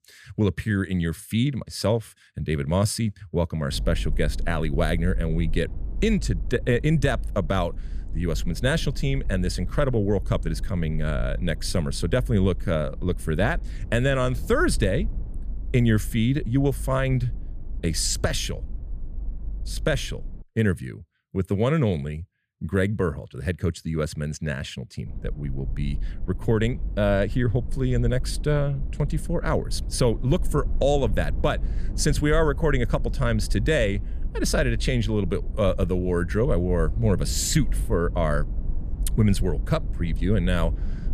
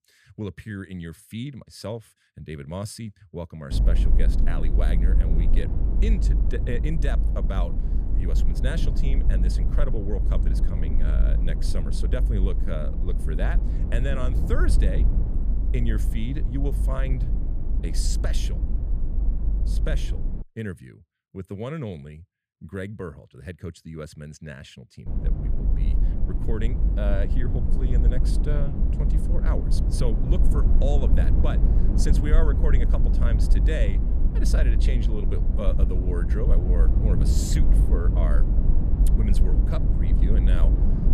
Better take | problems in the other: first | low rumble; loud; from 3.5 to 20 s and from 25 s on; 4 dB below the speech; faint in the first

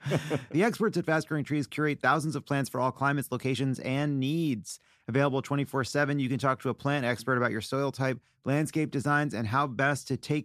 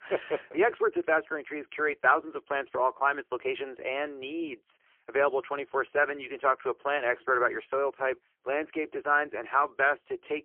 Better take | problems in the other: first | phone-call audio; poor line; nothing above 3 kHz

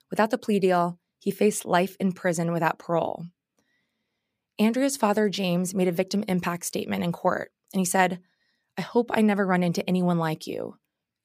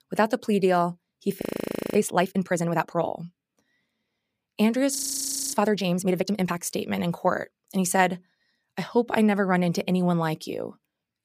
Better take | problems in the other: first | audio freezing; at 1.5 s for 0.5 s and at 5 s for 0.5 s

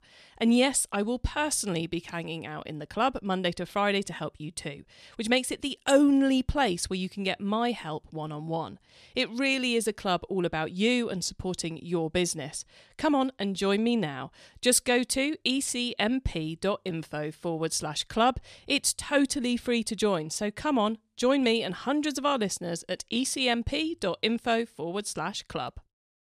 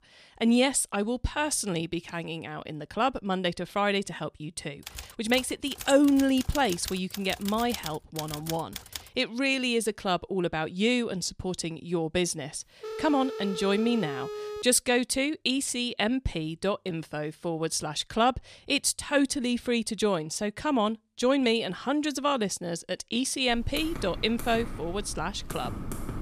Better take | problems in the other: first | keyboard typing; noticeable; from 5 to 9 s and from 23 s on; peak 8 dB below the speech // phone ringing; noticeable; from 13 to 15 s; peak 8 dB below the speech

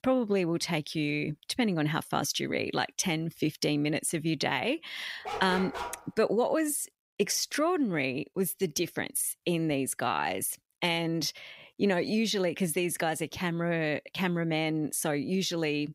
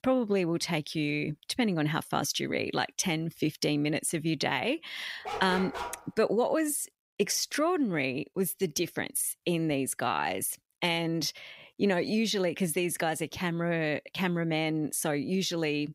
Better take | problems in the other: neither | dog barking; noticeable; at 5.5 s; peak 6 dB below the speech; the same in both

